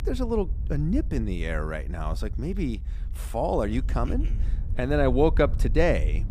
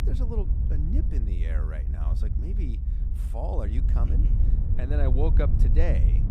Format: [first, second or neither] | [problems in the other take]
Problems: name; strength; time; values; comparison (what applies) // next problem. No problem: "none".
first | low rumble; loud; throughout; 5 dB below the speech; faint in the first